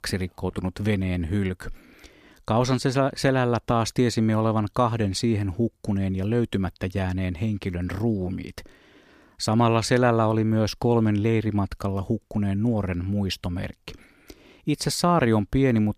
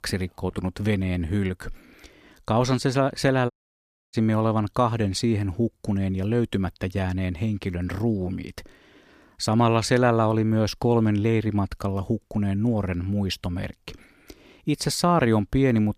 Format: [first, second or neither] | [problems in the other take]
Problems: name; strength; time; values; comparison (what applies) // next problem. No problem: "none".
first | audio cutting out; at 3.5 s for 0.5 s